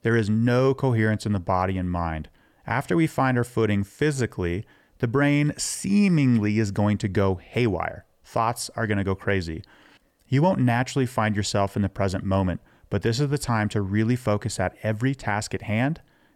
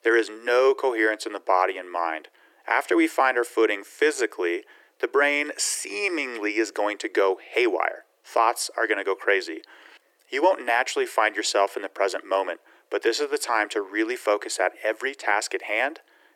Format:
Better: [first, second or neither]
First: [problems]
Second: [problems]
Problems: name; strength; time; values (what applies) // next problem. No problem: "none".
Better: first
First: none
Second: thin; very; fading below 350 Hz